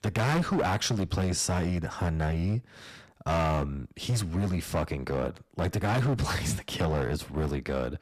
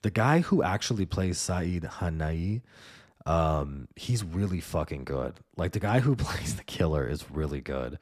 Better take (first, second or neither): second